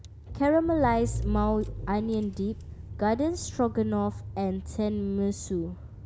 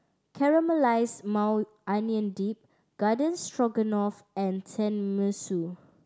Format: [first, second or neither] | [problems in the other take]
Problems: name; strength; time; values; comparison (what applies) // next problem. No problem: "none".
second | background sound (Engine / Car); 8 dB below the speech